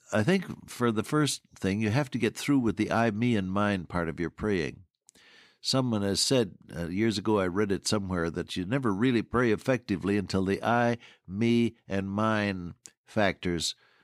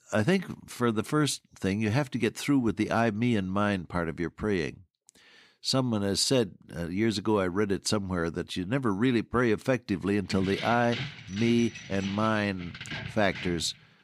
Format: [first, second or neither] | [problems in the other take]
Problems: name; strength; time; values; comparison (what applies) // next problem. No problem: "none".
first | jangling keys; noticeable; from 10 s on; peak 7 dB below the speech